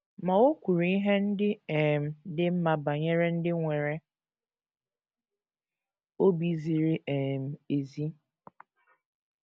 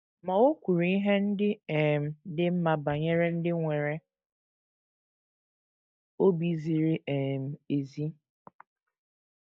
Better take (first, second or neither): first